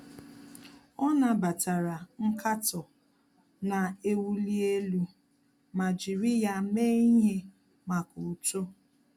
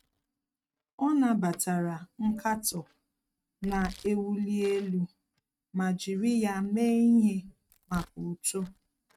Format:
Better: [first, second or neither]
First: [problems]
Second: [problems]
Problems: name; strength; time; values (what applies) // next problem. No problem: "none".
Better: first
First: none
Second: noise reduction (neural mask model RNNoise)